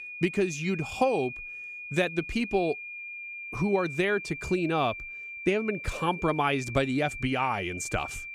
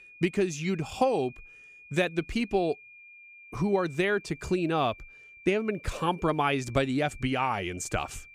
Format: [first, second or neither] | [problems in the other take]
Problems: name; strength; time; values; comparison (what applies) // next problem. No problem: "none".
second | high-pitched whine; loud; throughout; 2.5 kHz, 9 dB below the speech; faint in the second